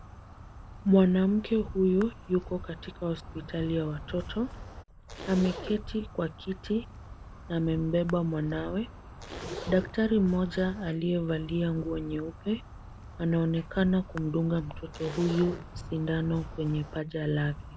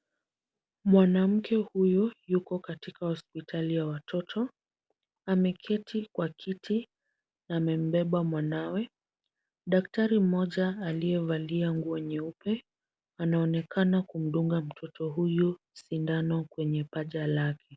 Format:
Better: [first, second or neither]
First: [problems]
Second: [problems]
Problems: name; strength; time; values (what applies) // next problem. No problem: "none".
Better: second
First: background sound (Insect + Zipper (clothing)); 13 dB below the speech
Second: none